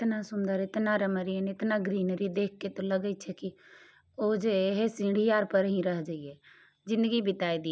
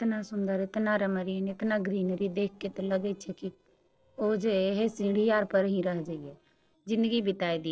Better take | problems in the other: first | noise reduction (neural separator model SepFormer DNS4)

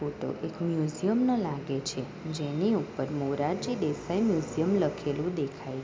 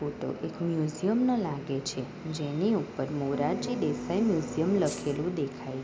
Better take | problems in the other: first | background sound (Rattle (instrument) + Bass guitar); 13 dB below the speech

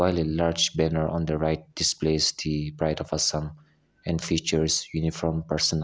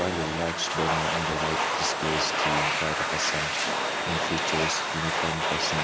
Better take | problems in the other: first | background sound (Domestic sounds, home sounds); 5 dB above the speech

